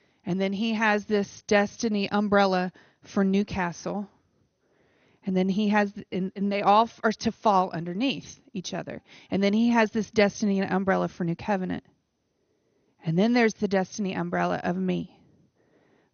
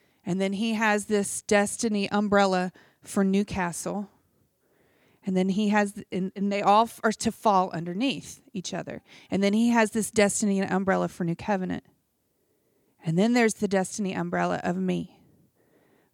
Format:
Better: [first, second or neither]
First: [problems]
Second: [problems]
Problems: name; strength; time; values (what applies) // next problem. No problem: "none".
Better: second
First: garbled, watery; slightly; nothing above 6.5 kHz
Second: none